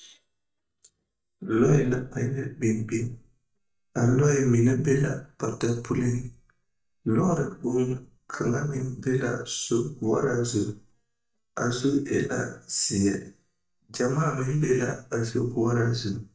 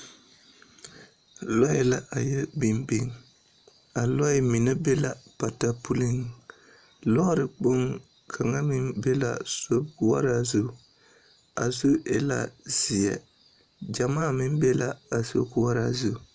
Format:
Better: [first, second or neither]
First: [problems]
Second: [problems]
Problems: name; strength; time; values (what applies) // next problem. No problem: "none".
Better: second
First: noise reduction (neural mask model DeepFilterNet 3)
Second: none